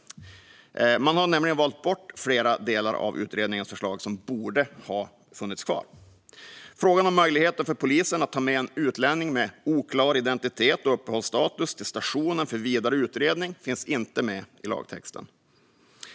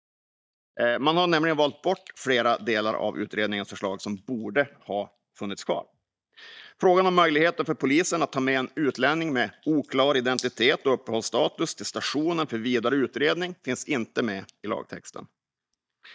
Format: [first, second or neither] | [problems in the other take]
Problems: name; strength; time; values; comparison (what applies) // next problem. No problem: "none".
first | noise reduction (neural mask model DeepFilterNet 3)